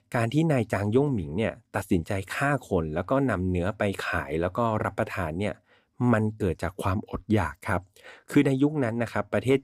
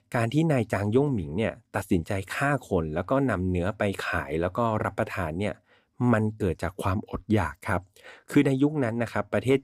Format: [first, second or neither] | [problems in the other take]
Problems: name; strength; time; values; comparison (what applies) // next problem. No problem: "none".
neither | none